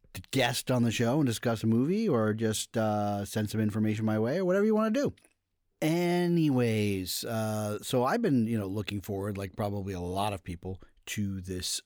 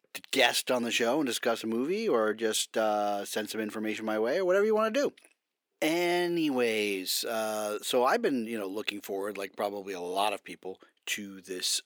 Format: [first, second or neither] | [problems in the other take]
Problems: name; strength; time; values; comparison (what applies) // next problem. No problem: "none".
first | thin; somewhat; fading below 300 Hz